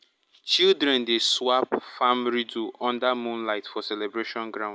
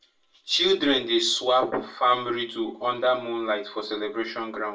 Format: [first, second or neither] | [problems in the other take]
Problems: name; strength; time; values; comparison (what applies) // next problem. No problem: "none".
first | room echo; dies away in 0.3 s